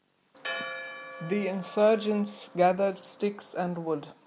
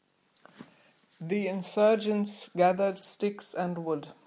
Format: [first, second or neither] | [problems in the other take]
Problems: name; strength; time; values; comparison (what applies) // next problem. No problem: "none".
second | background sound (Church bell); 13 dB below the speech